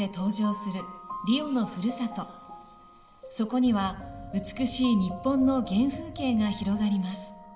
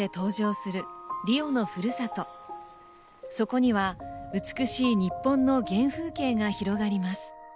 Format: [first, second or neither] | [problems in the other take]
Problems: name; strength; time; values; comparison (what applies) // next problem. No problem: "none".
second | room echo; dies away in 2.9 s